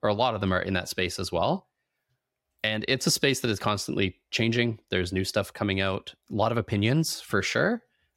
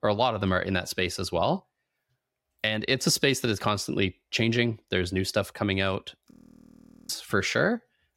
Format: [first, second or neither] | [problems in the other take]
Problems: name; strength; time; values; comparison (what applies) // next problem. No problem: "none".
first | audio freezing; at 6.5 s for 1 s